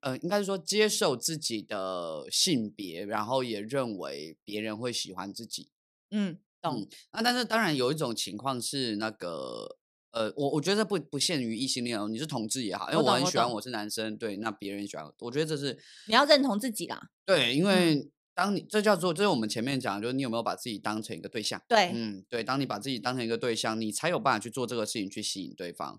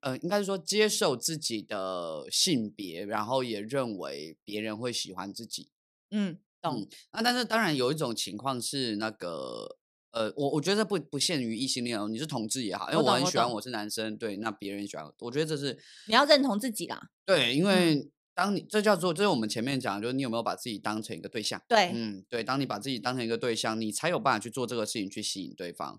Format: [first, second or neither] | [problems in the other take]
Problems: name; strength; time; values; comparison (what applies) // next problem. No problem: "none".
neither | none